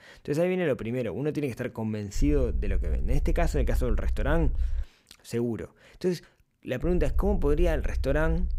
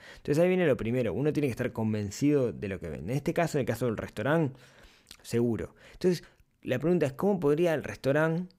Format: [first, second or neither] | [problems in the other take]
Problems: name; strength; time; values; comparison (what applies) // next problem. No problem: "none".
second | low rumble; faint; from 2 to 5 s and from 7 s on; 20 dB below the speech